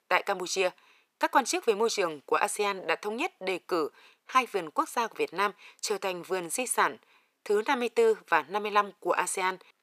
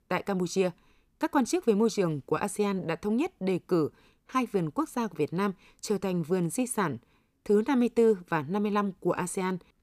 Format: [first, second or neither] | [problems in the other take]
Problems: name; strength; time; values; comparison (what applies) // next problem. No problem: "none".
second | thin; very; fading below 650 Hz